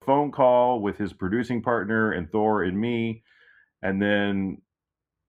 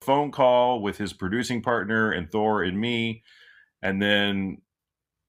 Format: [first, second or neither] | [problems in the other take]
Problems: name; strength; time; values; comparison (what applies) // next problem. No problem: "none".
second | muffled; slightly; fading above 2.5 kHz